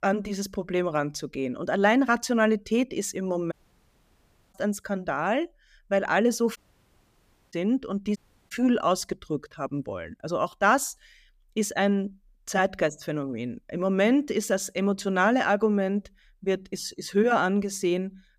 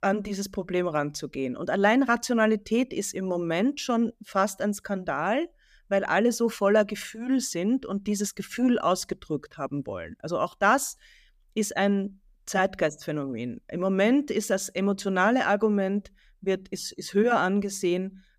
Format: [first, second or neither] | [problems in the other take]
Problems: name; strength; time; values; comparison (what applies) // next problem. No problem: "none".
second | audio cutting out; at 3.5 s for 1 s, at 6.5 s for 1 s and at 8 s